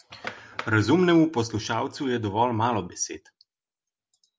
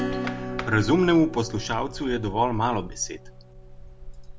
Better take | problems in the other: first | background sound (Acoustic guitar / Strum + Rain); 9 dB below the speech

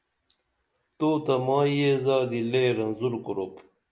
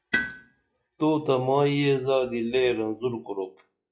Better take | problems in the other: first | noise reduction (classical method log-MMSE)

